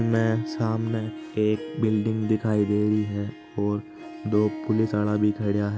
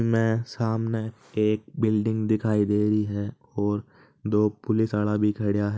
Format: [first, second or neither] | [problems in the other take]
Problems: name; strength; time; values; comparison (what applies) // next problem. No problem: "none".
second | background sound (Harp); 12 dB below the speech